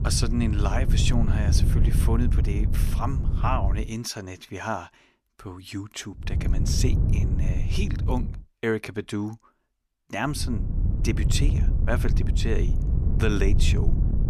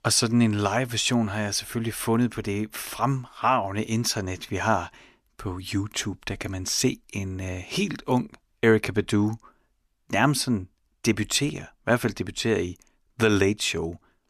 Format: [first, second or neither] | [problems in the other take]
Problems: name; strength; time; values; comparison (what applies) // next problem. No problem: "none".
second | wind noise on the microphone; heavy; until 4 s, from 6.5 to 8.5 s and from 10 s on; 7 dB below the speech